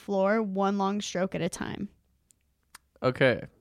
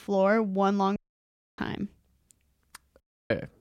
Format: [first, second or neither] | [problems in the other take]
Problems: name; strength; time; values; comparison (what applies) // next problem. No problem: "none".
first | audio cutting out; at 1 s for 0.5 s and at 3 s